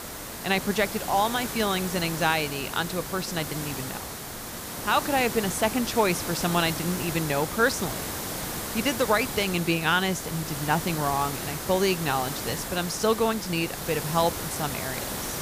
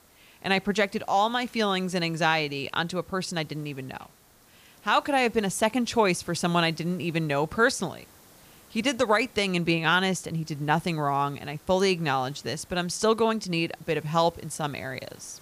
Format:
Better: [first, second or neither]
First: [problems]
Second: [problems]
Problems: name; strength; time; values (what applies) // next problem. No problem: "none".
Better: second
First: hiss; loud; throughout; 6 dB below the speech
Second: hiss; faint; throughout; 25 dB below the speech